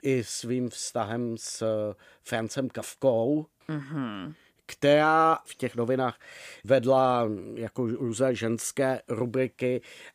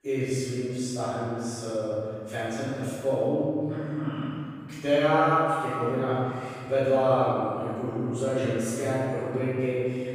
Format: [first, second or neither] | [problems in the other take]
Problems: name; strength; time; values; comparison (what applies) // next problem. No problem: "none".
first | off-mic speech; far // room echo; strong; dies away in 2.3 s